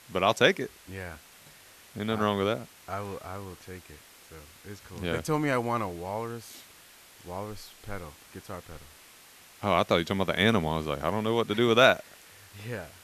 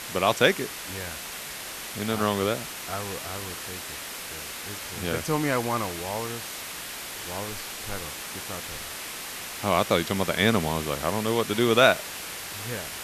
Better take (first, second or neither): first